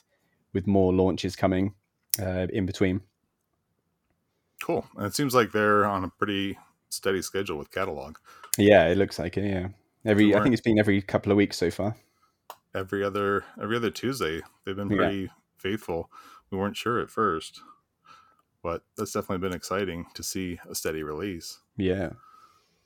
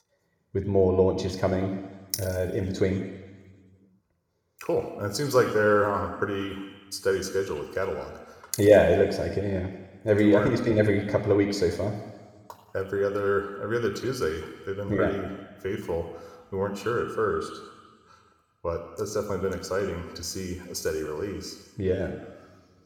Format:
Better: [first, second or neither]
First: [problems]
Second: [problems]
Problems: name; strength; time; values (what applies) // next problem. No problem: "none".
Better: first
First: none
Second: room echo; slight; dies away in 1.3 s